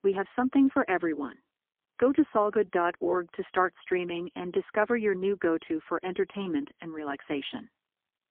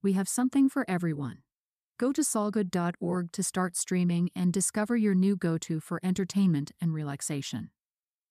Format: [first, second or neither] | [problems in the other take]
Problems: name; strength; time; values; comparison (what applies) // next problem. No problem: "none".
second | phone-call audio; poor line; nothing above 3.5 kHz